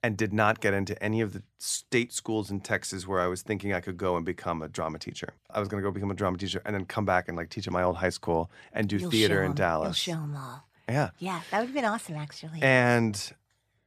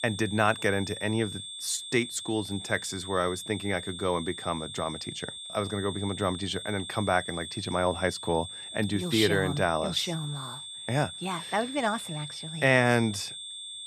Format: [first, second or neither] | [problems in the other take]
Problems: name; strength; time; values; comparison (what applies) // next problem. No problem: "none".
first | high-pitched whine; loud; throughout; 3.5 kHz, 9 dB below the speech